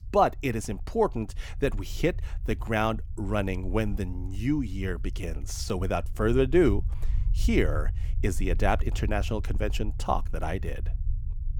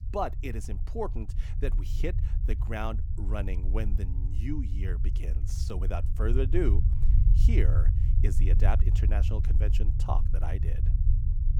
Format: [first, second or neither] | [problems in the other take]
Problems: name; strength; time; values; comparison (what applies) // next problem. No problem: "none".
first | low rumble; loud; throughout; 8 dB below the speech; faint in the first